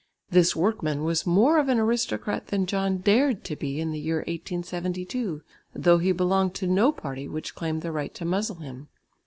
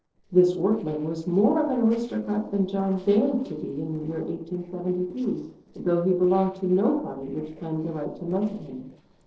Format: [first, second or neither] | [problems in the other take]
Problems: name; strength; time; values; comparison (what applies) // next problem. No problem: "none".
first | noise reduction (neural separator model SepFormer DNS4)